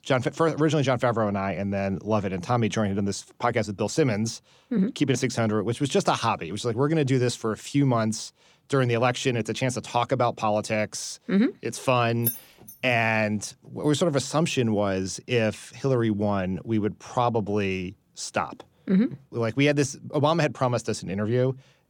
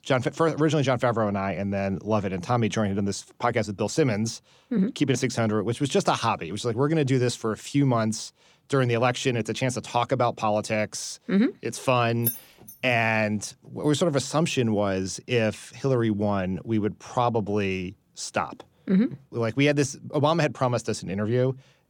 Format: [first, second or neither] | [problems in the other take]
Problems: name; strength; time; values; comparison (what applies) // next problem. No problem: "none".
neither | jangling keys; noticeable; at 12 s; peak 3 dB below the speech; the same in both